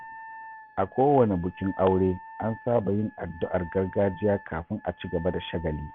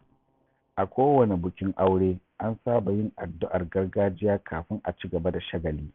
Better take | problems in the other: second | background sound (Wind instrument, woodwind instrument); 18 dB below the speech

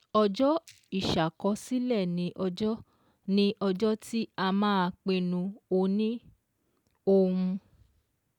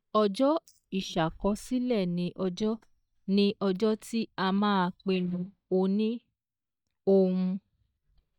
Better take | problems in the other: first | noise reduction (neural mask model DeepFilterNet 3)

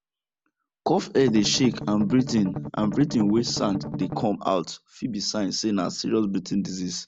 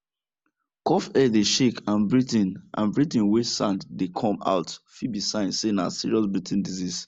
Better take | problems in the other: second | background sound (Strum); 8 dB below the speech

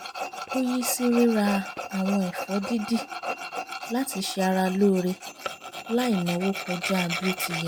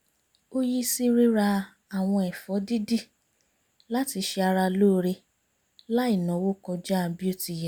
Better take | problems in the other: second | background sound (Tools); 8 dB below the speech

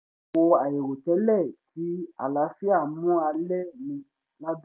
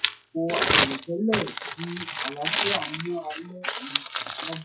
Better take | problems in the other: first | noise reduction (classical method WPE with log-MMSE)

